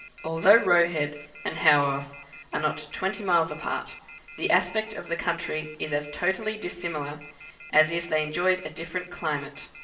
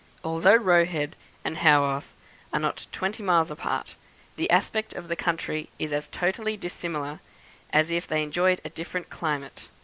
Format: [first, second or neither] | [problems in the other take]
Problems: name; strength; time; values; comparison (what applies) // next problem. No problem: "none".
second | background sound (Telephone); 19 dB below the speech // room echo; dies away in 0.7 s